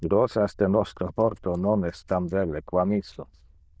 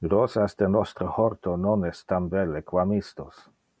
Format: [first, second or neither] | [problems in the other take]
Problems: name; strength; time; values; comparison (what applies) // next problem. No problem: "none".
second | noise reduction (neural diffusion model UNIVERSE++)